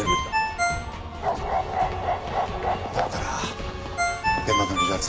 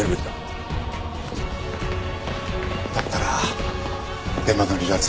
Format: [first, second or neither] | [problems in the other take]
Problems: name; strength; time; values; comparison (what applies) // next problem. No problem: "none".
second | background sound (Bark + Ringtone); 3 dB above the speech